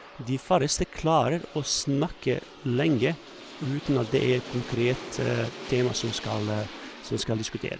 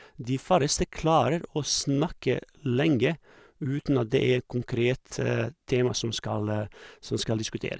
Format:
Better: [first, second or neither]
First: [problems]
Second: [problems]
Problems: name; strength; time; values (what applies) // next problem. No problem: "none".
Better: second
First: background sound (Aircraft); 15 dB below the speech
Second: none